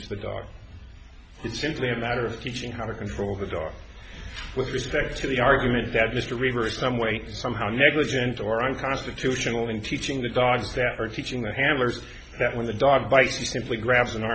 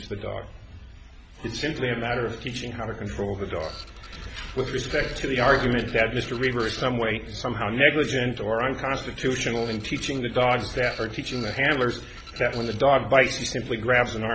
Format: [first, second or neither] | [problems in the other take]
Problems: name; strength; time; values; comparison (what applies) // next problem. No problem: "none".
first | background sound (Printer); 18 dB below the speech